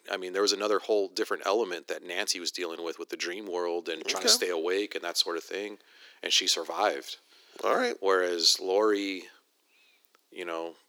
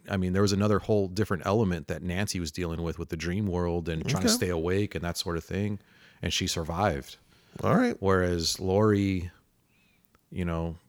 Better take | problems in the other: second | thin; very; fading below 300 Hz

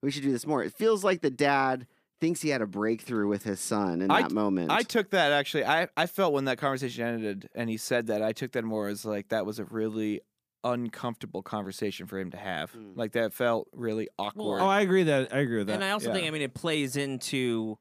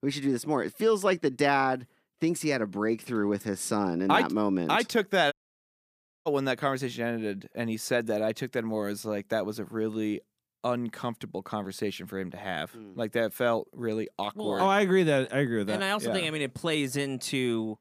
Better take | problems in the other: first | audio cutting out; at 5.5 s for 1 s

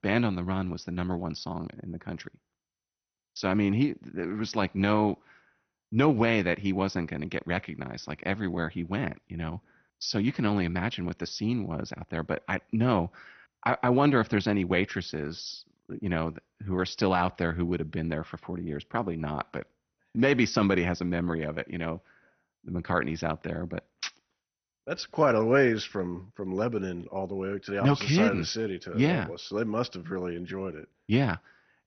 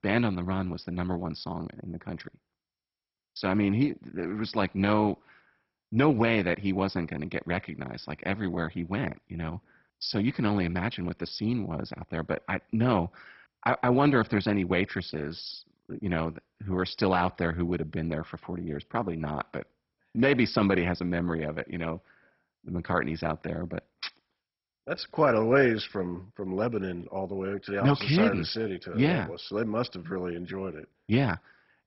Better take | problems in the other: first | garbled, watery; badly; nothing above 5.5 kHz; slightly in the first

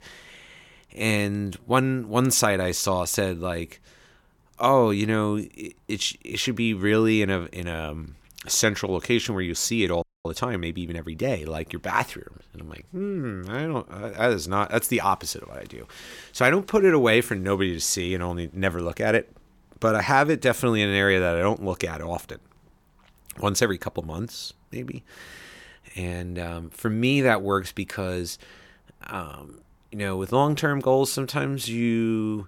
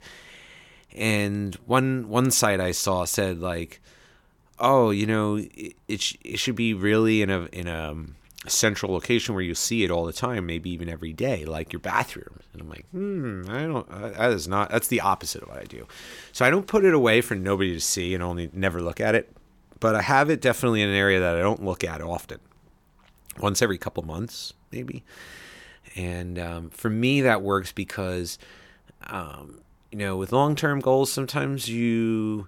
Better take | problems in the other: second | audio freezing; at 10 s

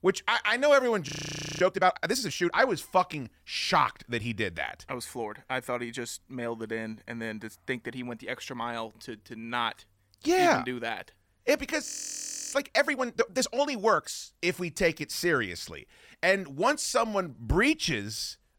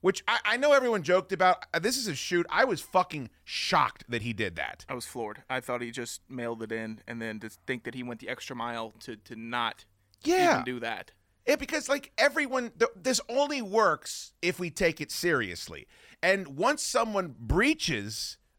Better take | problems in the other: second | audio freezing; at 1 s for 0.5 s and at 12 s for 0.5 s

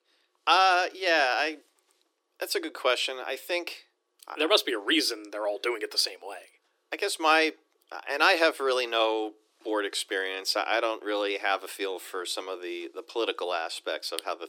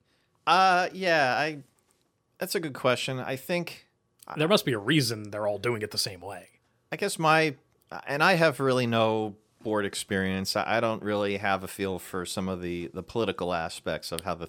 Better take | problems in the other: second | thin; very; fading below 300 Hz

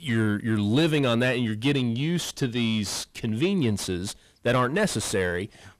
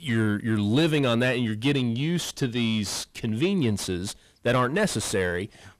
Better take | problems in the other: neither | distortion; slight; 10 dB below the speech; the same in both

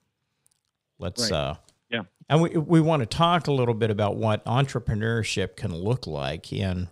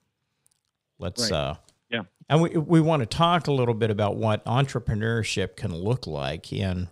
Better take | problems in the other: neither | none

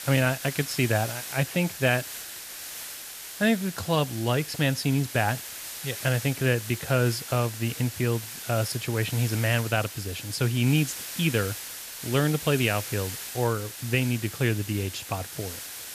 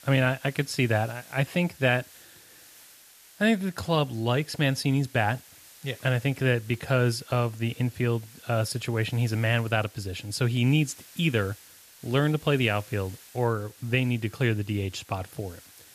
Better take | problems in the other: second | hiss; loud; throughout; 9 dB below the speech; faint in the second

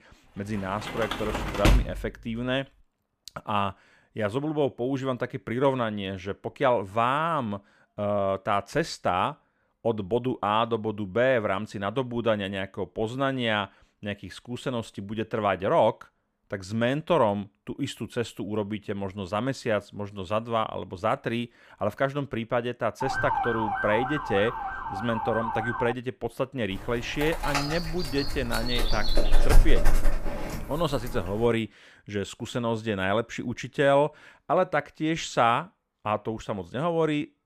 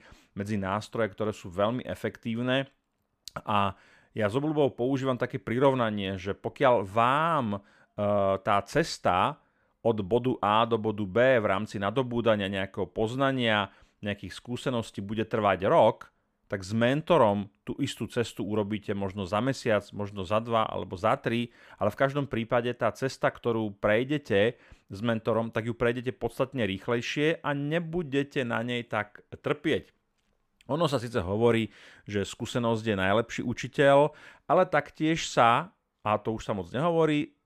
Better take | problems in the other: second | door banging; loud; from 1 to 2 s; peak 4 dB above the speech // siren; loud; from 23 to 26 s; peak 1 dB above the speech // dog barking; loud; from 28 to 31 s; peak 4 dB above the speech

